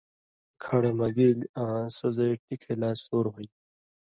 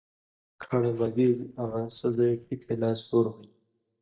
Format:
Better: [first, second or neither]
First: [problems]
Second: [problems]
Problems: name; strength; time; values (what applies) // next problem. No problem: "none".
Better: first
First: none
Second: noise reduction (neural mask model DeepFilterNet 3)